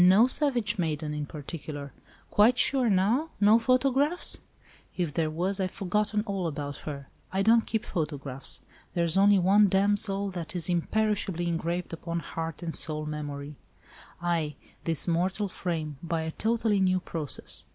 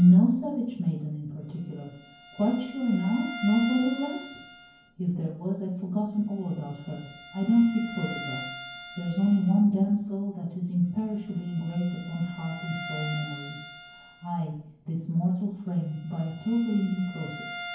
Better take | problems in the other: first | background sound (Bowed string instrument); 16 dB below the speech // room echo; dies away in 0.9 s

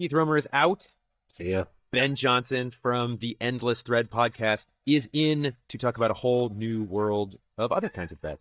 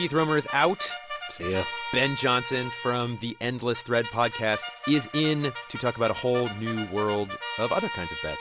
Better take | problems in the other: second | noise reduction (neural mask model DeepFilterNet 3)

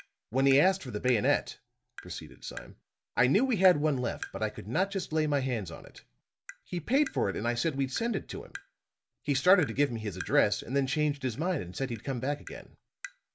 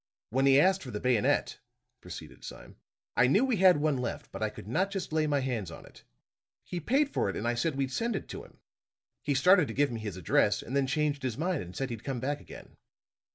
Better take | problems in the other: second | background sound (Tap); 20 dB below the speech

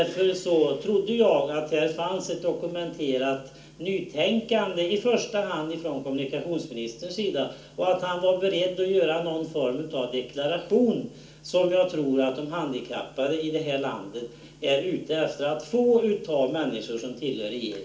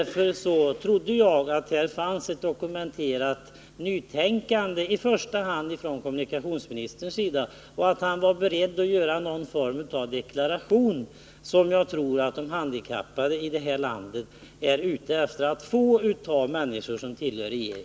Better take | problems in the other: second | room echo; dies away in 0.4 s

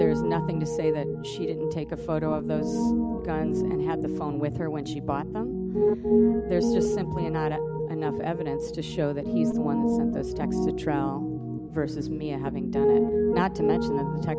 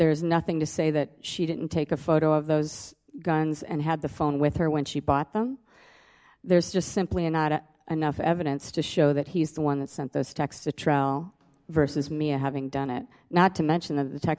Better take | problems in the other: second | background sound (Piano); 5 dB above the speech

